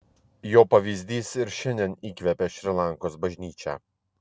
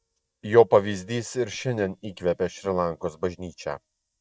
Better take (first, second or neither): first